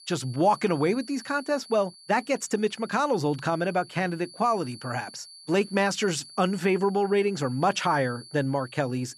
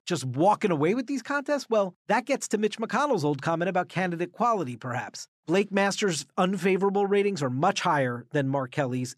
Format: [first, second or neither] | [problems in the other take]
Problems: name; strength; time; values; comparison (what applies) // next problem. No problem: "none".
second | high-pitched whine; noticeable; throughout; 4.5 kHz, 20 dB below the speech